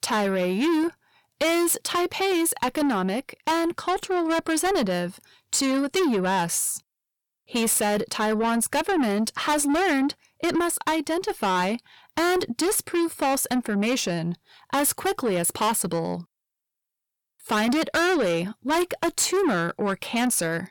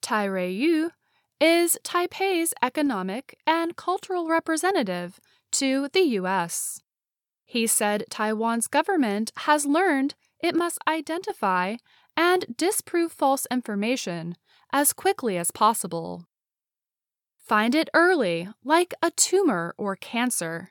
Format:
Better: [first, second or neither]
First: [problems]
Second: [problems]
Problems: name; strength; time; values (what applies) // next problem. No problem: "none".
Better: second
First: distortion; heavy; 6 dB below the speech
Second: none